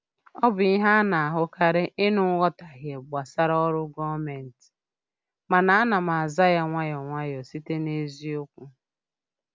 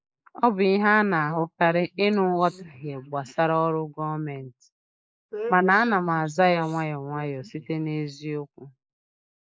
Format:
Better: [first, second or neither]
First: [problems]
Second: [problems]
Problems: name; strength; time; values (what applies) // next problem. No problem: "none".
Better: first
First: none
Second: noise reduction (neural mask model Resemble Enhance denoiser)